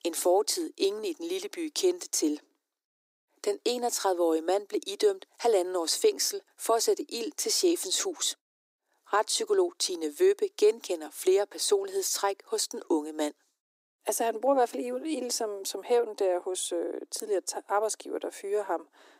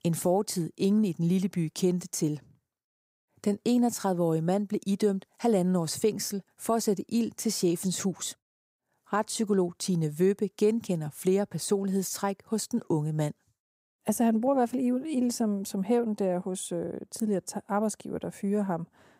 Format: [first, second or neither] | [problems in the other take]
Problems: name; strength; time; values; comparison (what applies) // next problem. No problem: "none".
second | thin; very; fading below 300 Hz